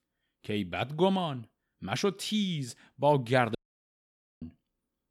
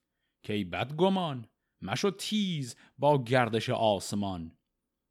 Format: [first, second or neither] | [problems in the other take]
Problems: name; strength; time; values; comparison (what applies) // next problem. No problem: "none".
second | audio cutting out; at 3.5 s for 1 s